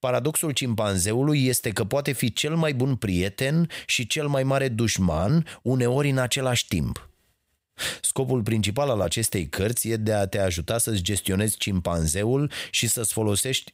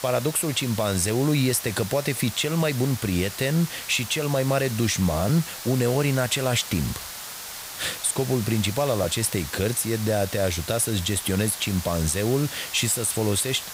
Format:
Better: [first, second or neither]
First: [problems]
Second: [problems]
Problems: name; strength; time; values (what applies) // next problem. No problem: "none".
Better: first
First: none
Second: hiss; loud; throughout; 10 dB below the speech